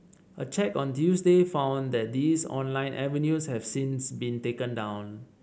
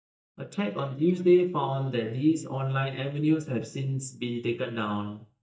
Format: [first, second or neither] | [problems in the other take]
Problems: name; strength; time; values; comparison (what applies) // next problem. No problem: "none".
first | noise reduction (neural mask model DeepFilterNet 3)